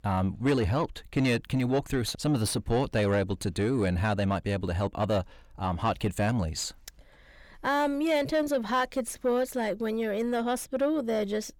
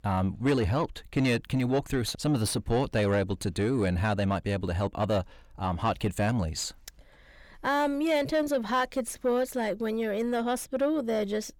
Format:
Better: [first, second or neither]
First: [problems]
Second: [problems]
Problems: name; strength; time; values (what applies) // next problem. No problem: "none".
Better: neither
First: distortion; slight; 10 dB below the speech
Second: distortion; slight; 10 dB below the speech